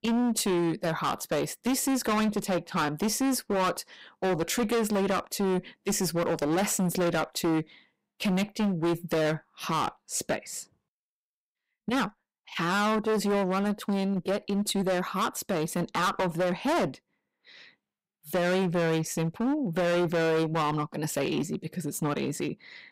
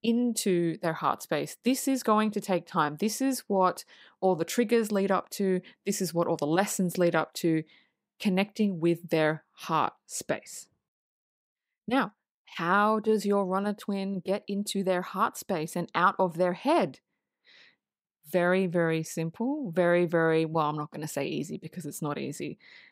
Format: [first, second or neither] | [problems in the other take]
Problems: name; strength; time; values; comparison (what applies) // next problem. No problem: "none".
second | distortion; heavy; 18% of the sound clipped